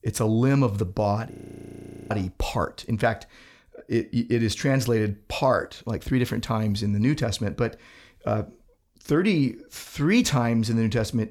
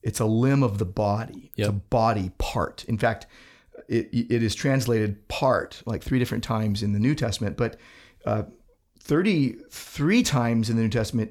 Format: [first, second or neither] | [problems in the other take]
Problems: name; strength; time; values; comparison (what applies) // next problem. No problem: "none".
second | audio freezing; at 1.5 s for 1 s